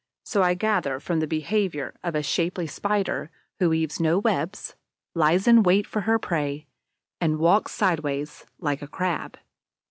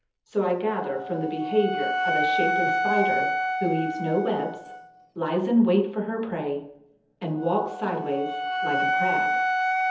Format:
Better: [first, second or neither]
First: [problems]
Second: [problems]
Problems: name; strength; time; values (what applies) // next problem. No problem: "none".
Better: first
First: none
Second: background sound (Wind instrument, woodwind instrument); 1 dB below the speech // room echo; dies away in 0.7 s